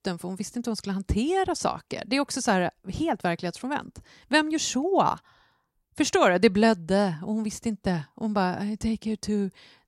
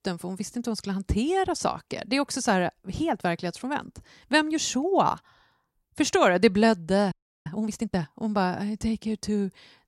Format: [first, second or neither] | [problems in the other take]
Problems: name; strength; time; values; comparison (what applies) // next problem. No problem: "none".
first | audio freezing; at 7 s